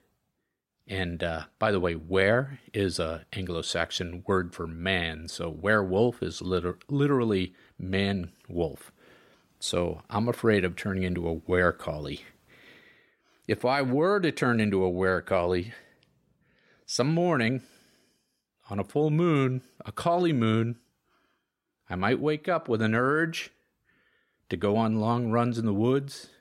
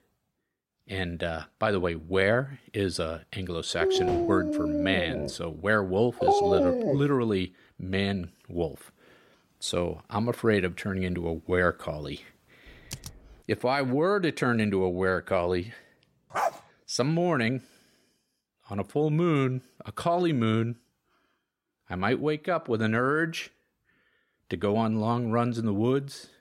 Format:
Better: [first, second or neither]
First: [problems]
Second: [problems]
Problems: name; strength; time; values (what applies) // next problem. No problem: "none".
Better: first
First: none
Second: dog barking; loud; from 4 to 7 s; peak 5 dB above the speech // keyboard typing; faint; at 13 s; peak 15 dB below the speech // dog barking; noticeable; at 16 s; peak 2 dB below the speech